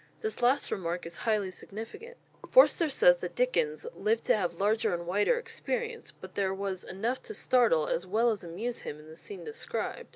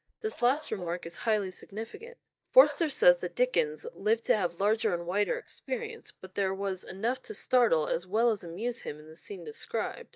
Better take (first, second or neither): first